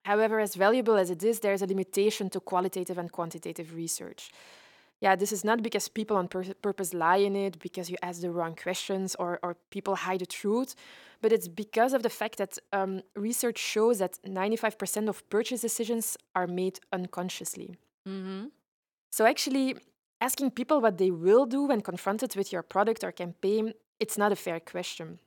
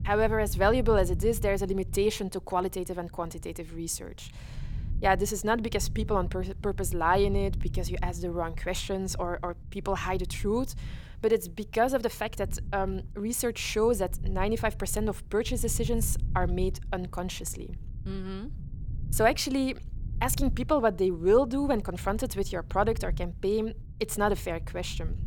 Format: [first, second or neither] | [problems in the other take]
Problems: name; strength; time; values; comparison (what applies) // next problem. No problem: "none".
first | low rumble; faint; throughout; 25 dB below the speech